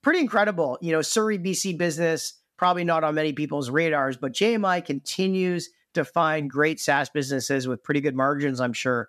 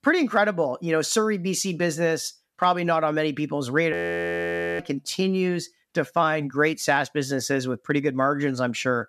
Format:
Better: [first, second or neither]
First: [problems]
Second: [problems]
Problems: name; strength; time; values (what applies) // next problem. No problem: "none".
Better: first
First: none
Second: audio freezing; at 4 s for 1 s